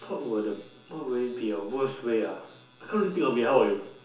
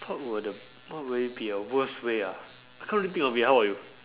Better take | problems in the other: second | room echo; dies away in 0.7 s

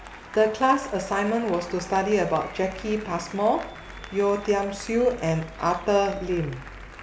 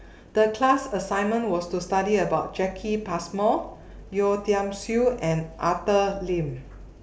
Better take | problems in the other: second | background sound (Applause); 18 dB below the speech

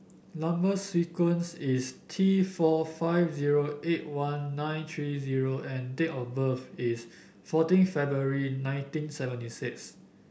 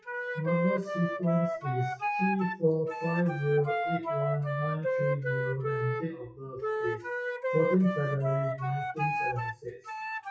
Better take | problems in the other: first | noise reduction (classical method WPE with log-MMSE)

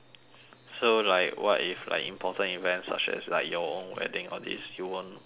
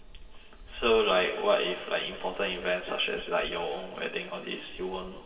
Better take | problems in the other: first | background sound (Thunder / Rain); 19 dB below the speech // room echo; dies away in 2.5 s

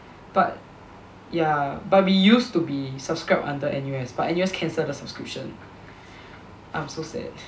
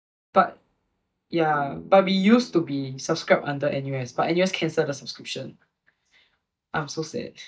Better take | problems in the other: first | noise reduction (neural mask model DeepFilterNet 3)

